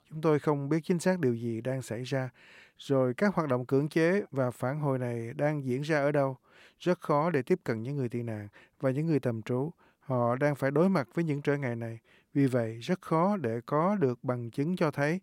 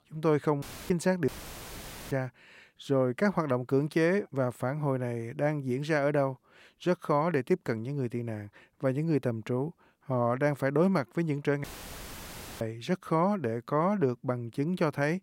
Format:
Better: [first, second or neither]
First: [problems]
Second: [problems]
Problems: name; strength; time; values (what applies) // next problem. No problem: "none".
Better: first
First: none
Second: audio cutting out; filled with static; at 0.5 s, at 1.5 s for 1 s and at 12 s for 1 s